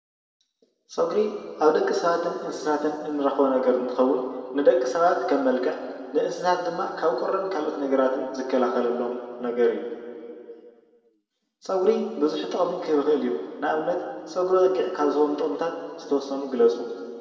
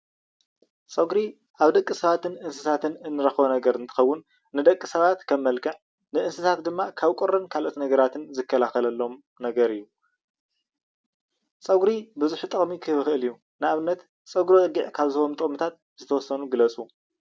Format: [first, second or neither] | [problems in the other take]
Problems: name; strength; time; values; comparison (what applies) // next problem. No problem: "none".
second | room echo; dies away in 2.3 s